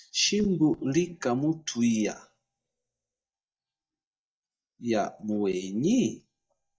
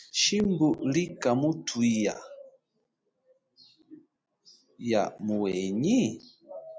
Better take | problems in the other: second | noise reduction (neural mask model DeepFilterNet 3)

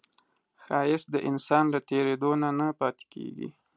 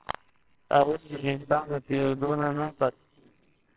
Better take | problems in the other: first | noise reduction (neural separator model SepFormer WHAMR!)

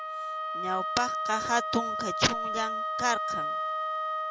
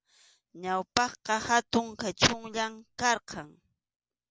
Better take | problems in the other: second | background sound (Wind instrument, woodwind instrument); 1 dB above the speech

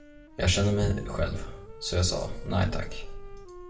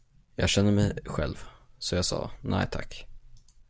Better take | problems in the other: second | background sound (Wind instrument, woodwind instrument); 19 dB below the speech // room echo; dies away in 0.6 s

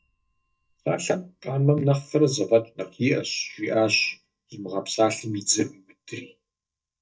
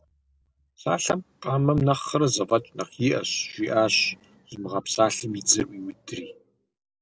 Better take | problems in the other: second | noise reduction (neural mask model DeepFilterNet 3)

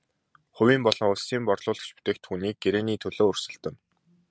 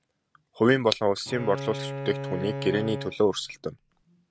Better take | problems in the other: first | background sound (Bowed string instrument); 8 dB below the speech

